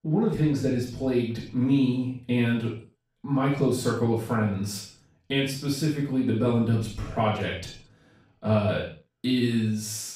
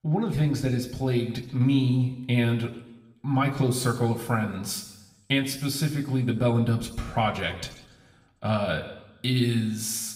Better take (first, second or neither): second